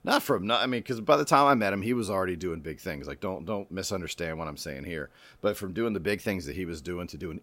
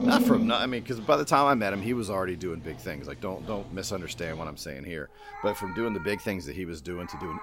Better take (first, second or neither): first